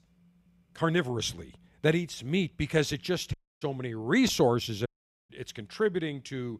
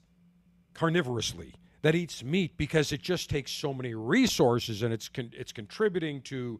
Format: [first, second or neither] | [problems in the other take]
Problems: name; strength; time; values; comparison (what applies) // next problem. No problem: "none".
second | audio cutting out; at 3.5 s and at 5 s